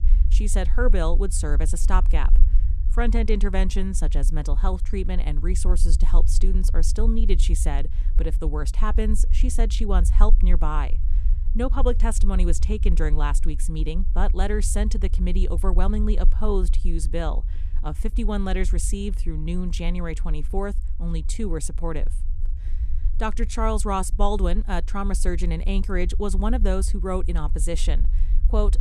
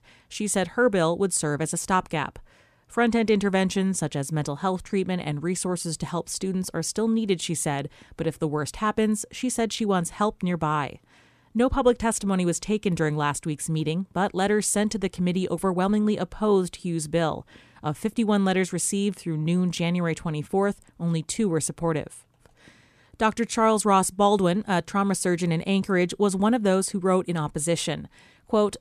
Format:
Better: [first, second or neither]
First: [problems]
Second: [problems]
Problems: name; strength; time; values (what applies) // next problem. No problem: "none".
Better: second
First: low rumble; noticeable; throughout; 15 dB below the speech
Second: none